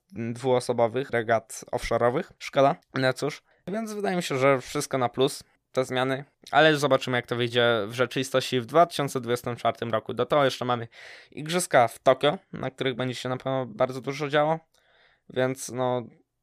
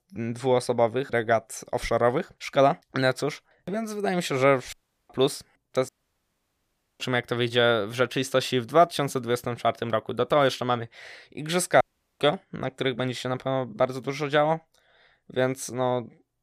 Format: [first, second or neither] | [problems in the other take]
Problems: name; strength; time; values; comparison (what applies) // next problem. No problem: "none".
first | audio cutting out; at 4.5 s, at 6 s for 1 s and at 12 s